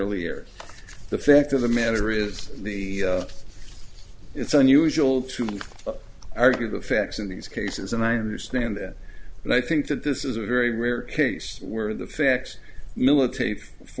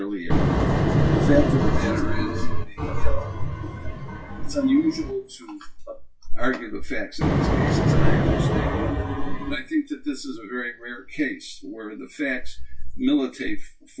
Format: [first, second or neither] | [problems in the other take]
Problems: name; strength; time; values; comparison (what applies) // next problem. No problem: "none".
first | noise reduction (classical method WPE with log-MMSE)